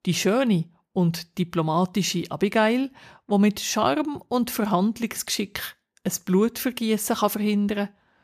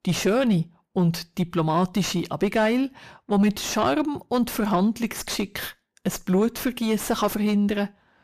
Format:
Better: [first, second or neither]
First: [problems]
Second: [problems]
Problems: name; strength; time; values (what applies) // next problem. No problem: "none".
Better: first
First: none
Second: distortion; slight; 10 dB below the speech